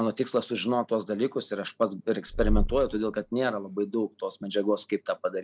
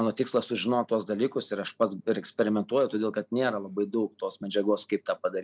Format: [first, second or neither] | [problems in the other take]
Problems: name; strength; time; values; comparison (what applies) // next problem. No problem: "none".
second | background sound (Purr); 1 dB above the speech